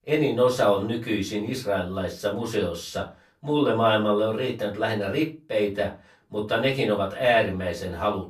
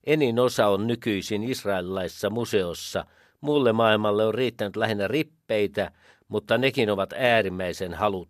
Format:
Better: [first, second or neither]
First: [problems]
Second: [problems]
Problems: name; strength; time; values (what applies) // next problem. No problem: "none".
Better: second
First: off-mic speech; far // room echo; very slight; dies away in 0.2 s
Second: none